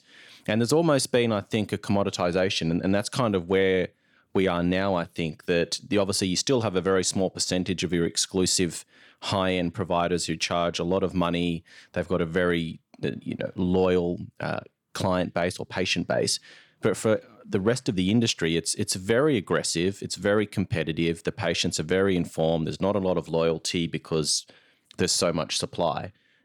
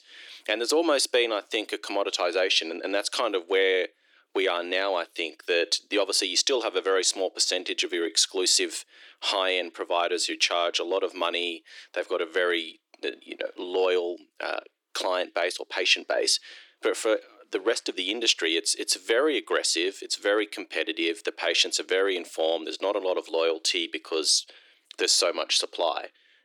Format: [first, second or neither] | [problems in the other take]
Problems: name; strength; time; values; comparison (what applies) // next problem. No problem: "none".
first | thin; very; fading below 300 Hz